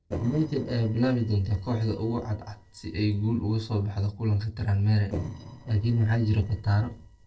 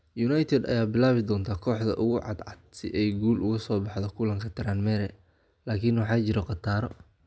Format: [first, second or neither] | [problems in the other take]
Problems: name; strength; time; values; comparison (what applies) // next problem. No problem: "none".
second | noise reduction (neural separator model SepFormer DNS4)